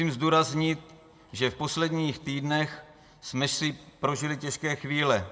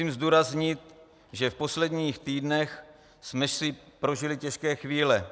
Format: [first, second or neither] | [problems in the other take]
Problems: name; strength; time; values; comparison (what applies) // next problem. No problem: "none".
second | room echo; dies away in 0.7 s